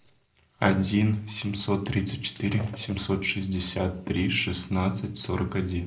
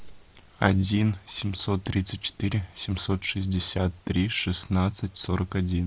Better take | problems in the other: second | noise reduction (neural separator model SepFormer DNS4)

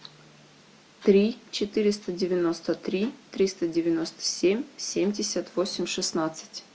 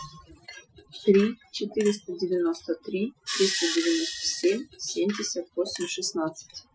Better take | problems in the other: first | noise reduction (classical method Wiener filter)

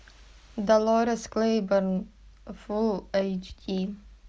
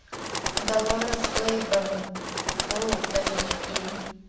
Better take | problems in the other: first | background sound (Bird); 1 dB above the speech // room echo; dies away in 0.8 s

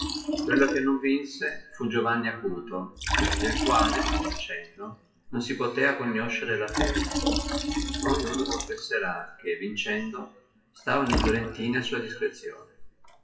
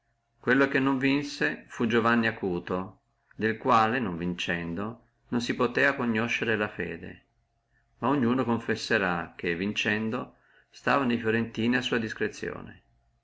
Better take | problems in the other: second | noise reduction (classical method WPE with log-MMSE)

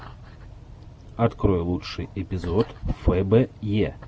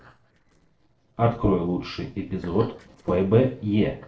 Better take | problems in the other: first | noise reduction (neural separator model SepFormer DNS4)

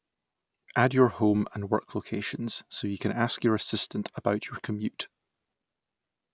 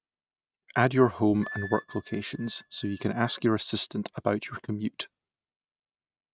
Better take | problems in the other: first | noise reduction (neural mask model RNNoise)

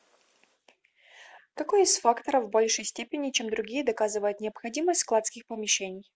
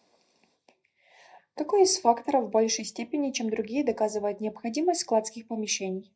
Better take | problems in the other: first | room echo; dies away in 0.3 s

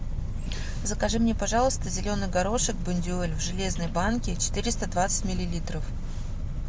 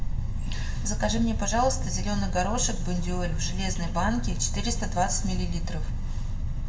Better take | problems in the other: first | room echo; dies away in 0.7 s

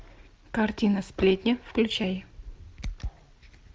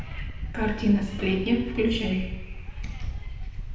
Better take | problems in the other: first | background sound (Subway, metro, underground / Wind); 5 dB below the speech // room echo; dies away in 0.9 s

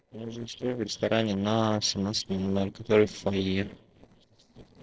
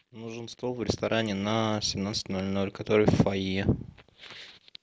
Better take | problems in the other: second | noise reduction (neural separator model SepFormer DNS4)

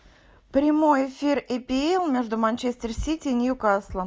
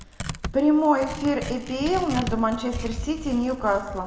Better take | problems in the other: first | background sound (Tearing); 10 dB below the speech // room echo; dies away in 1.4 s

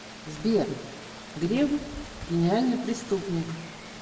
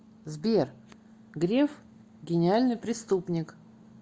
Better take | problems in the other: second | background sound (Rain); 14 dB below the speech // room echo; dies away in 0.9 s

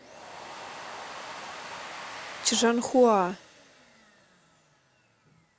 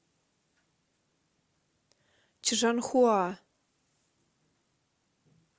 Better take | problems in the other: second | background sound (Domestic sounds, home sounds); 13 dB below the speech

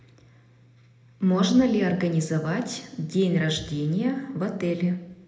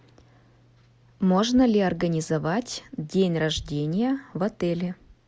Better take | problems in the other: second | room echo; dies away in 0.8 s

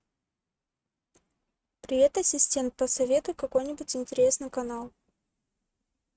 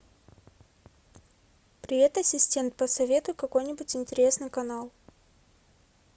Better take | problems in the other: second | noise reduction (neural mask model RNNoise)

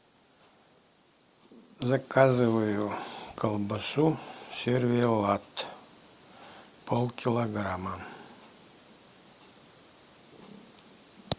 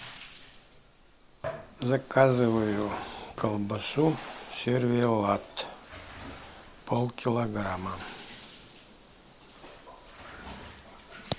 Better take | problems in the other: first | background sound (Bathtub (filling or washing)); 16 dB below the speech

